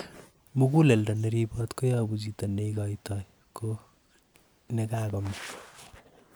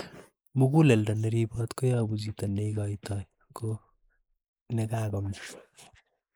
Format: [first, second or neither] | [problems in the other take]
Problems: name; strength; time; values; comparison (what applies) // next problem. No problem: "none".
first | noise reduction (neural mask model Resemble Enhance denoiser)